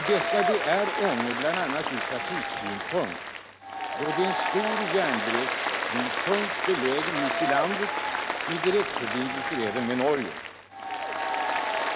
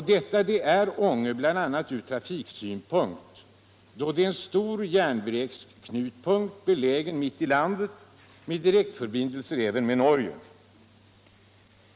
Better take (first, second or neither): second